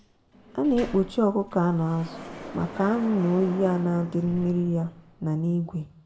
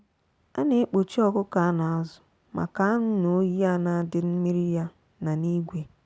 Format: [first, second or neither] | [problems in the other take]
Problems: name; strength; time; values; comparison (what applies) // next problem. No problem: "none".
second | background sound (Sliding door); 16 dB below the speech // room echo; dies away in 0.4 s